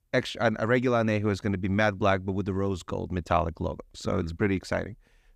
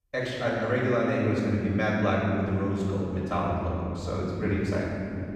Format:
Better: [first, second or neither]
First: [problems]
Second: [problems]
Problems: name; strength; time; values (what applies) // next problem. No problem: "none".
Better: first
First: none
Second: off-mic speech; far // room echo; strong; dies away in 2.8 s